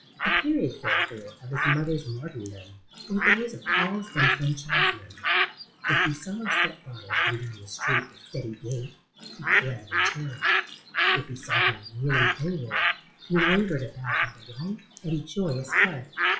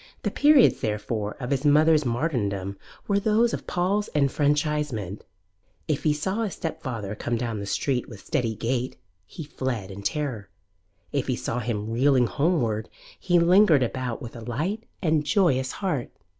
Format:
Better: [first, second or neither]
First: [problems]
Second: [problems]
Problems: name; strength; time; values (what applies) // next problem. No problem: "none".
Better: second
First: noise reduction (classical method WPE with log-MMSE)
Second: none